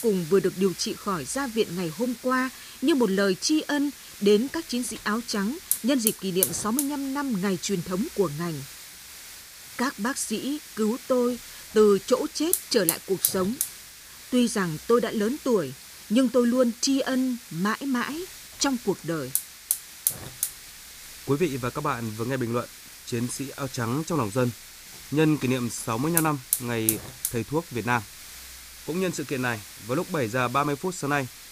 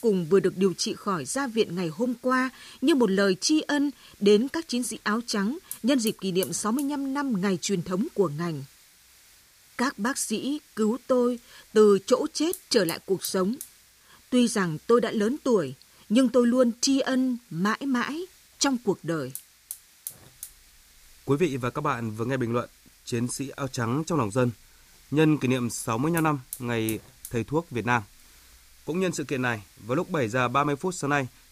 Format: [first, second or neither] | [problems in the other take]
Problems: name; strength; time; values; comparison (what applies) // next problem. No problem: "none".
second | hiss; loud; throughout; 7 dB below the speech; faint in the second